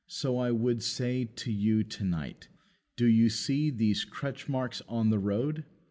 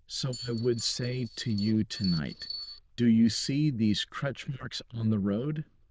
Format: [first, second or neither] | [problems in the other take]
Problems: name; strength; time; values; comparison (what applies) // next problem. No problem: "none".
first | noise reduction (neural diffusion model UNIVERSE++)